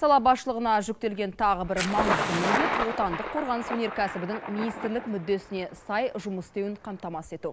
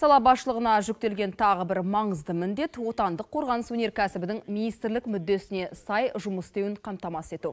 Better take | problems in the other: second | background sound (Fire + Thunder); 5 dB below the speech

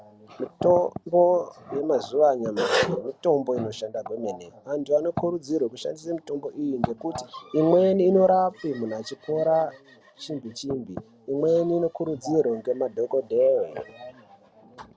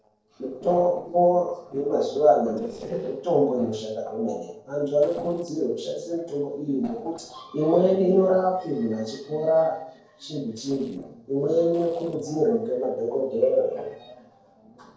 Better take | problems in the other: first | noise reduction (neural separator model SepFormer DNS4)

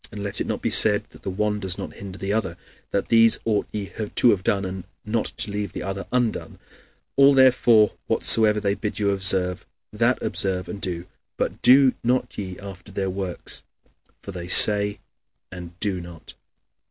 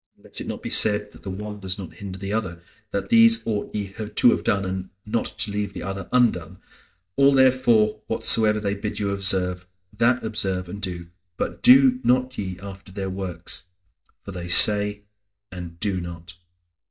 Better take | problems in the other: first | noise reduction (neural mask model DeepFilterNet 3)

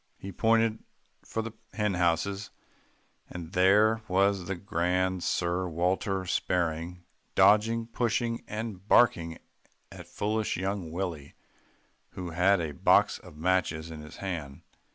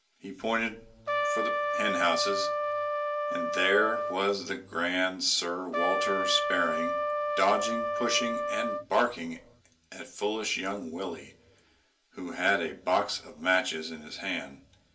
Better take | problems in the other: first | background sound (Trumpet); 1 dB above the speech // room echo; dies away in 0.3 s

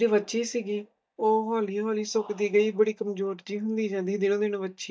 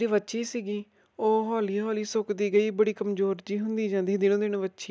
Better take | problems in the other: second | noise reduction (neural mask model DeepFilterNet 3)

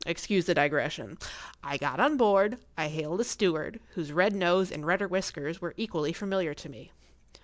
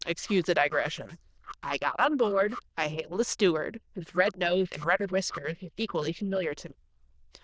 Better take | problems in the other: first | noise reduction (neural diffusion model UNIVERSE++)

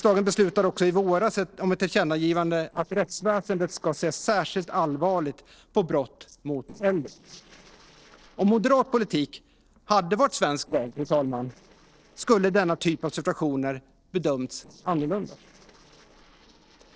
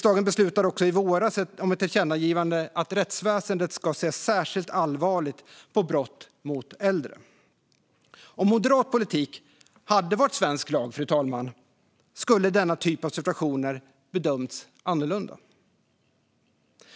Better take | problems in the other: second | noise reduction (neural separator model SepFormer DNS4)

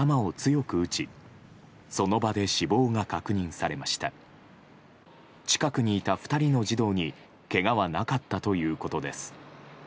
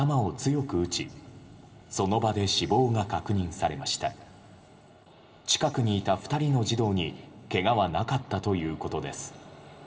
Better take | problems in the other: first | room echo; dies away in 2.8 s

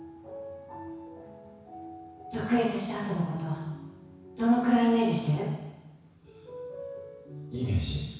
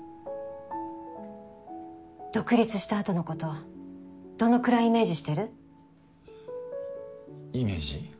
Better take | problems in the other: second | room echo; dies away in 1.1 s

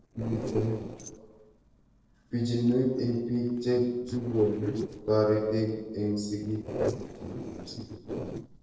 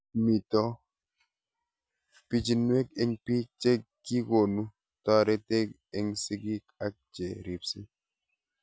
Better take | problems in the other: second | noise reduction (neural separator model SepFormer DNS4)

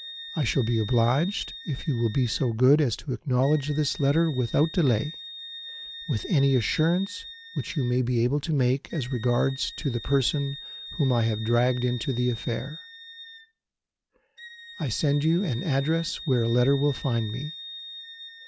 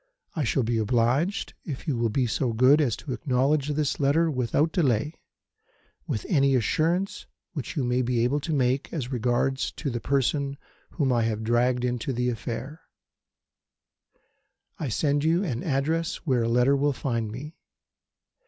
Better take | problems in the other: second | background sound (Wind instrument, woodwind instrument); 15 dB below the speech

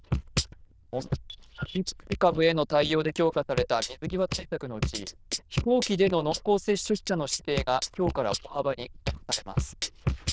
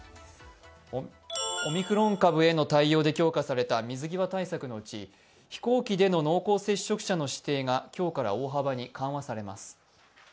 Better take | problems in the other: second | noise reduction (neural diffusion model UNIVERSE++)

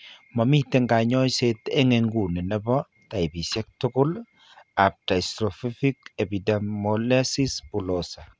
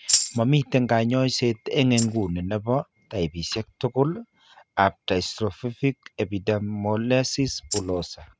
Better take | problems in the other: first | noise reduction (neural mask model RNNoise)

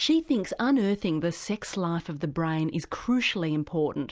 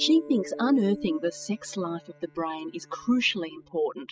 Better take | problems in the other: first | noise reduction (classical method spectral subtraction)

